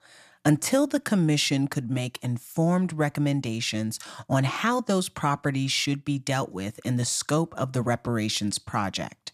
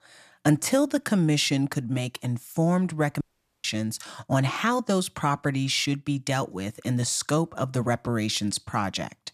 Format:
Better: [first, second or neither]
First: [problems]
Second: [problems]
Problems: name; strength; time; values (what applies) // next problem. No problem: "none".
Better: first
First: none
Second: audio cutting out; at 3 s